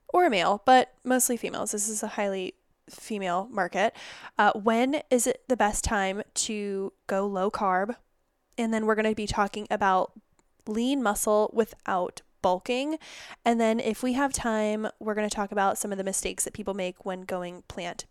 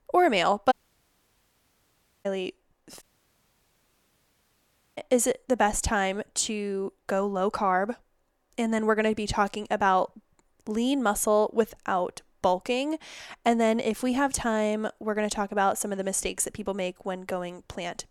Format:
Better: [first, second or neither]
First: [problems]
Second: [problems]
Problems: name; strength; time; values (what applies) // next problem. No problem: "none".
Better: first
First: none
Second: audio cutting out; at 0.5 s for 1.5 s and at 3 s for 2 s